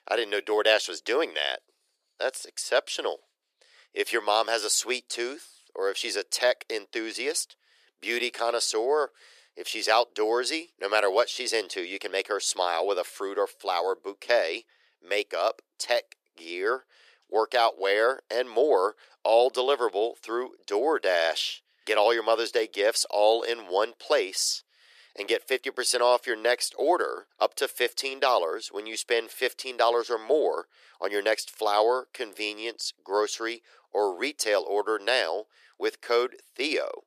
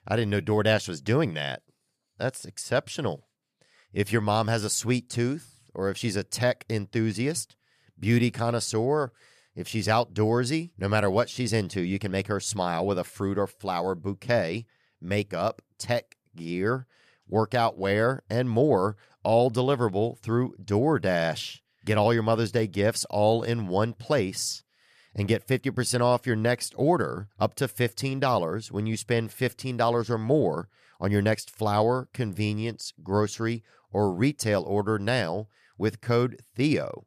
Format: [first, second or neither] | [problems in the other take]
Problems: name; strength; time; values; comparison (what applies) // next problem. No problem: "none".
second | thin; very; fading below 350 Hz